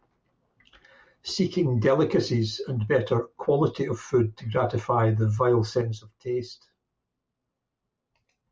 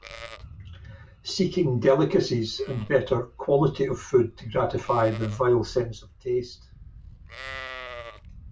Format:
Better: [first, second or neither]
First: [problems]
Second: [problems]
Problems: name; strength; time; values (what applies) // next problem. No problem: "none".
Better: first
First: none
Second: background sound (Livestock, farm animals, working animals); 17 dB below the speech // room echo; dies away in 0.2 s